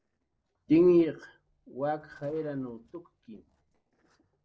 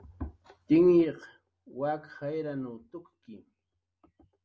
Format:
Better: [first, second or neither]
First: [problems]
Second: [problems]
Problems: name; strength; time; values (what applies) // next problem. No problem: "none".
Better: second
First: noise reduction (neural separator model SepFormer DNS4)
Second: none